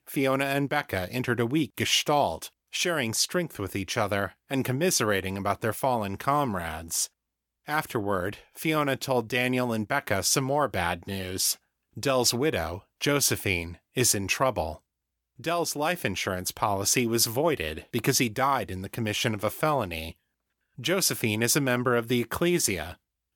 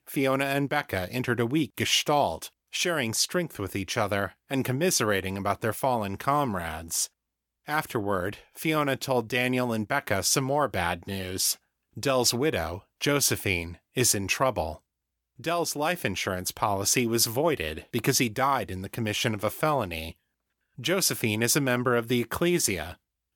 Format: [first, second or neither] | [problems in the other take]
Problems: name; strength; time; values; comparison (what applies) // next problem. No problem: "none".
neither | none